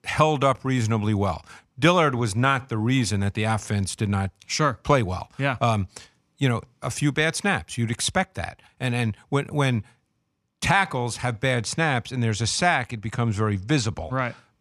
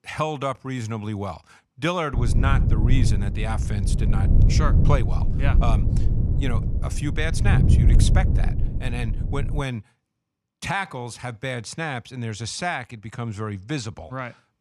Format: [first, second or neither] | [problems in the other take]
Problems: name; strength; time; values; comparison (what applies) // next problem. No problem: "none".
first | low rumble; loud; from 2 to 9.5 s; 6 dB below the speech